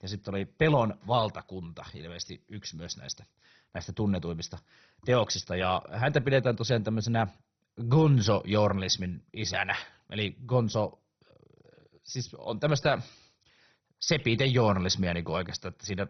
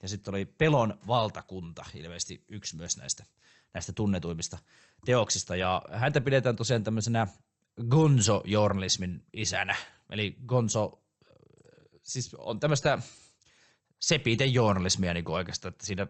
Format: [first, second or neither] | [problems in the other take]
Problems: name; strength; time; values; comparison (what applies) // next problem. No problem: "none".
second | garbled, watery; badly; nothing above 6 kHz; slightly in the second